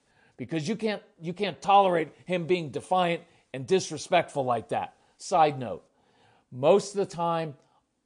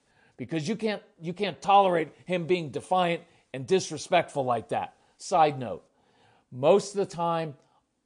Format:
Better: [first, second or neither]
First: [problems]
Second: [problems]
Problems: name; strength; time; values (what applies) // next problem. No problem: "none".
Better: neither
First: garbled, watery; slightly; nothing above 10 kHz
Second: garbled, watery; slightly; nothing above 10 kHz